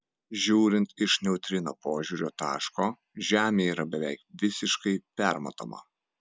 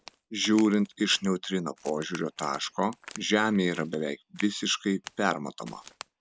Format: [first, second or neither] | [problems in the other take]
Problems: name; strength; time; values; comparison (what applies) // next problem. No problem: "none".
first | background sound (Crack); 20 dB below the speech